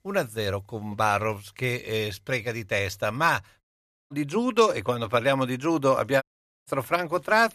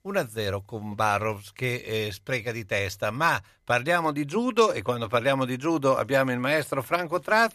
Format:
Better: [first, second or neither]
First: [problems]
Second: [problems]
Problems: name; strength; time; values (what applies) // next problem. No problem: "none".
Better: second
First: audio cutting out; at 3.5 s and at 6 s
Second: none